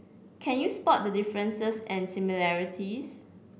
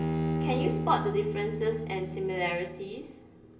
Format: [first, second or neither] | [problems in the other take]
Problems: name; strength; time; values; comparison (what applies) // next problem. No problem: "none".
first | background sound (Bowed string instrument); 1 dB below the speech // room echo; dies away in 0.8 s